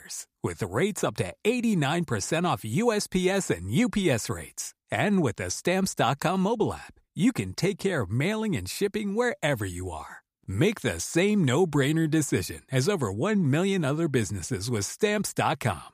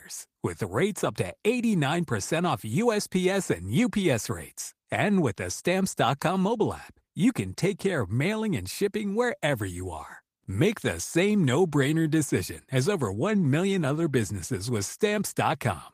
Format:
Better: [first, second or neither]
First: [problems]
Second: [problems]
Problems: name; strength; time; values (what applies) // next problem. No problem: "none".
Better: first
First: none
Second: garbled, watery; slightly; nothing above 15 kHz